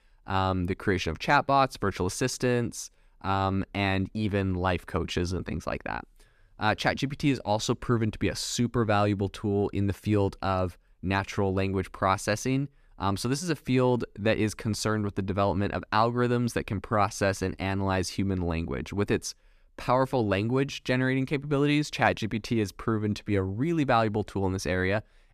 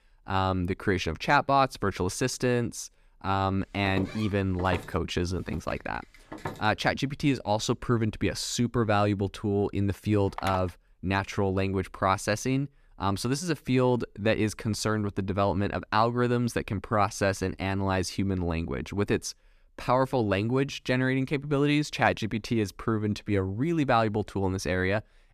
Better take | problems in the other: first | footsteps; noticeable; from 4 to 6.5 s; peak 10 dB below the speech // phone ringing; noticeable; at 10 s; peak 9 dB below the speech

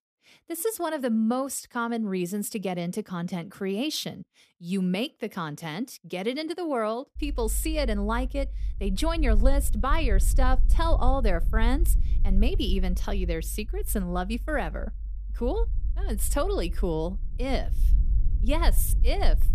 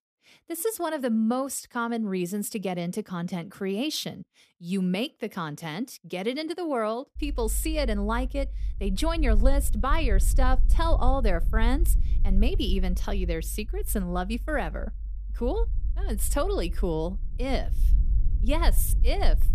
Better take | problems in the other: neither | low rumble; faint; from 7 s on; 20 dB below the speech; the same in both

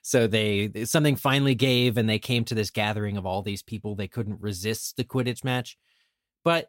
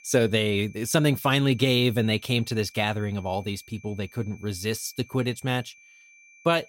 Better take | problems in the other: first | high-pitched whine; faint; throughout; 2.5 kHz, 25 dB below the speech

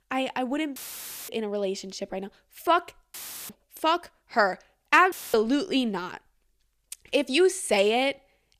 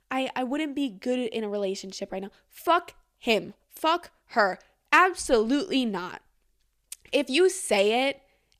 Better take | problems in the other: second | audio cutting out; filled with static; at 1 s for 0.5 s, at 3 s and at 5 s

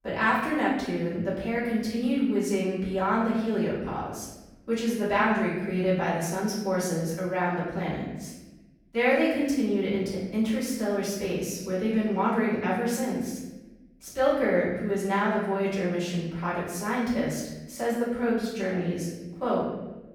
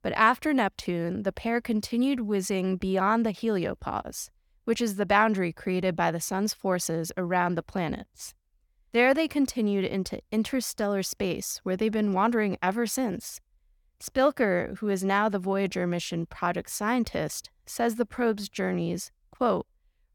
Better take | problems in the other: second | room echo; noticeable; dies away in 1.1 s // off-mic speech; far

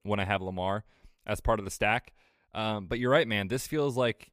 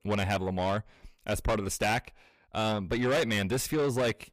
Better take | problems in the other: first | distortion; heavy; 7 dB below the speech

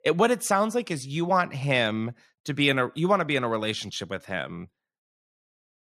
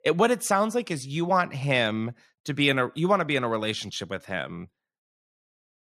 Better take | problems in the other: neither | none

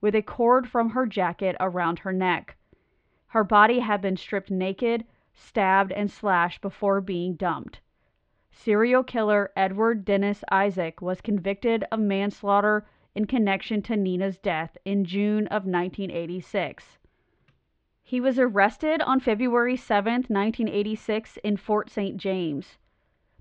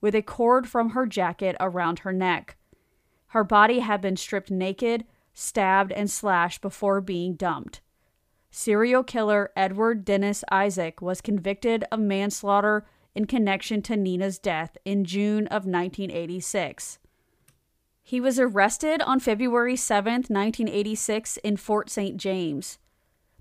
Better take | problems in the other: second | muffled; very; fading above 3.5 kHz

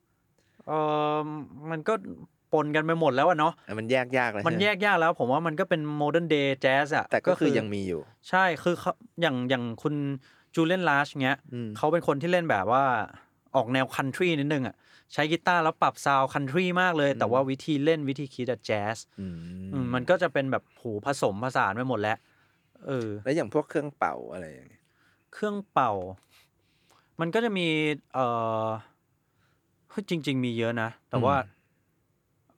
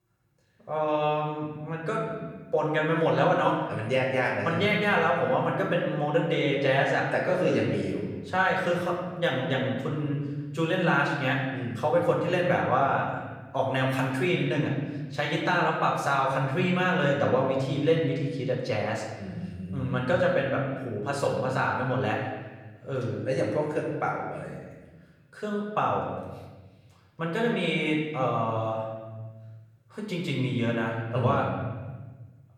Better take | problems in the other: first | room echo; noticeable; dies away in 1.5 s // off-mic speech; far

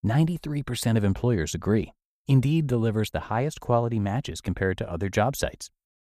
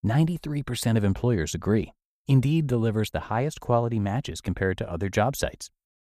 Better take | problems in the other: neither | none

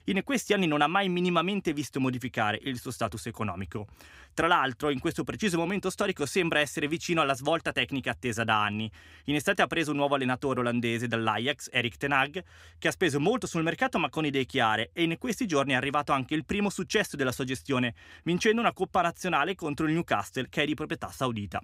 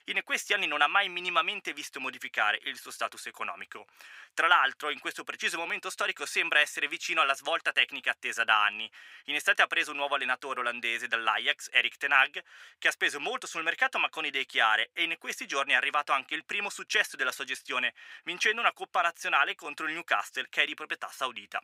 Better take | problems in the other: first | thin; very; fading below 700 Hz

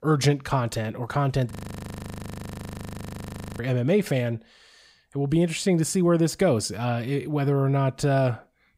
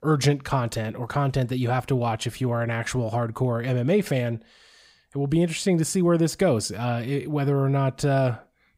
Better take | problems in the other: second | audio freezing; at 1.5 s for 2 s

